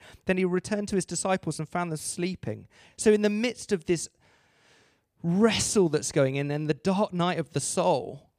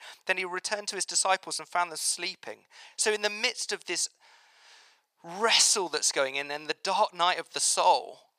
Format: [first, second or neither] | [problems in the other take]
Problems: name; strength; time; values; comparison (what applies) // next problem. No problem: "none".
first | thin; very; fading below 850 Hz